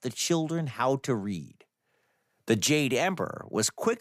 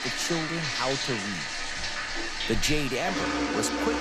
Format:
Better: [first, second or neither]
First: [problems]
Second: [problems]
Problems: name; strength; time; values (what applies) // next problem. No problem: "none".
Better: first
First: none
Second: household noises; very loud; throughout; 1 dB above the speech